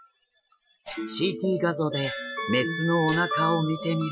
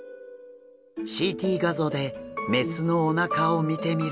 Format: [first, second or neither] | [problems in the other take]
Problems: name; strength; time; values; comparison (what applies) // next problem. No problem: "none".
second | noise reduction (classical method Wiener filter)